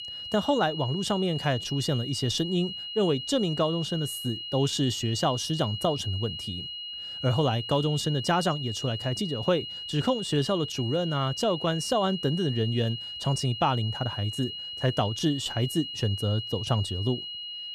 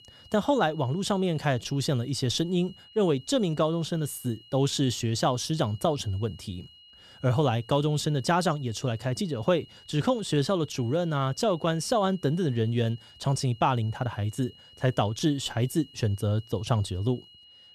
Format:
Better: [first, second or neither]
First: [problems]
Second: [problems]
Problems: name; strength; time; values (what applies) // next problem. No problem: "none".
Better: second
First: high-pitched whine; loud; throughout; 3 kHz, 7 dB below the speech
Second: high-pitched whine; faint; throughout; 3 kHz, 25 dB below the speech